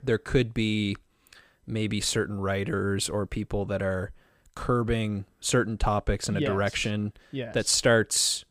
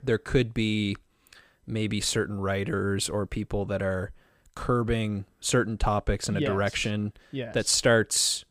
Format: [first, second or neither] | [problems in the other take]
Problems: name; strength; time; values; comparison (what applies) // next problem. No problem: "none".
neither | none